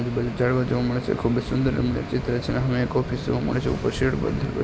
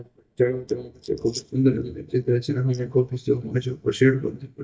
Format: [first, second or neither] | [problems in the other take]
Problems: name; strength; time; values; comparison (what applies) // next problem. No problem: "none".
first | noise reduction (neural mask model DeepFilterNet 3)